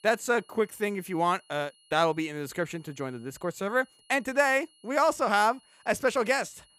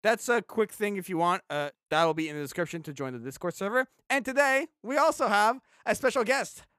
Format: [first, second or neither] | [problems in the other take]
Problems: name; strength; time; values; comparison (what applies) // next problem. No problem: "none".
second | high-pitched whine; faint; throughout; 3 kHz, 30 dB below the speech